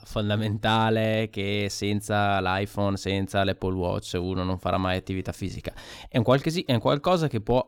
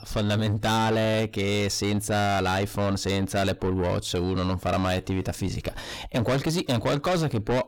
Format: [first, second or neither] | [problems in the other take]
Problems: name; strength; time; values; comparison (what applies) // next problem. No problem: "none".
first | distortion; heavy; 7 dB below the speech